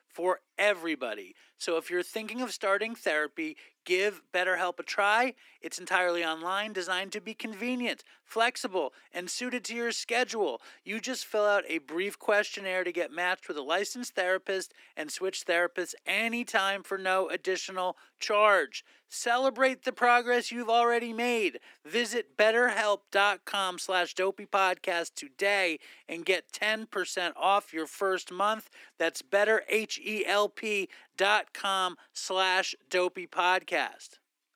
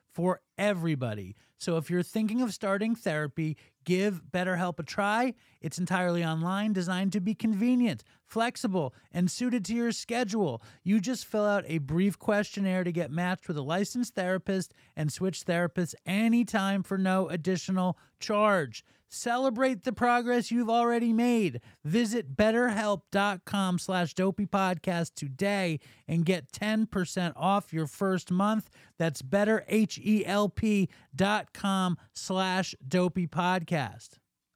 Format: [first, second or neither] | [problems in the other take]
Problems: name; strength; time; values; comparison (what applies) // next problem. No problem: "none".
second | thin; very; fading below 300 Hz